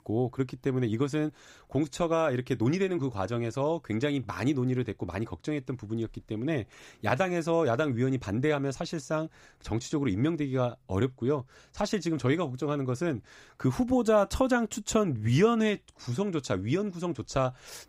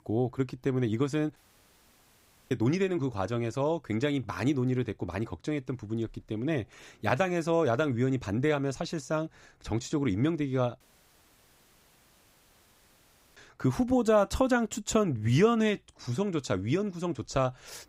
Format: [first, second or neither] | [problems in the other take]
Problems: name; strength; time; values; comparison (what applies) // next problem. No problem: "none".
first | audio cutting out; at 1.5 s for 1 s and at 11 s for 2.5 s